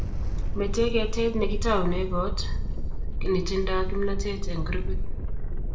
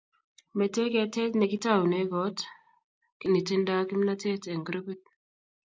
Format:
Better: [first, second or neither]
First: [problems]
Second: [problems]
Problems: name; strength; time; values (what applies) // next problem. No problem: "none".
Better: second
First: background sound (Thunderstorm); 4 dB above the speech // room echo; dies away in 0.9 s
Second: none